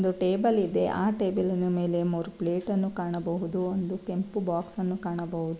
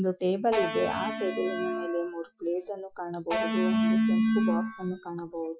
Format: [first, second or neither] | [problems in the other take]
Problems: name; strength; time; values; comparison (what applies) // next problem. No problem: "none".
first | noise reduction (classical method Wiener filter)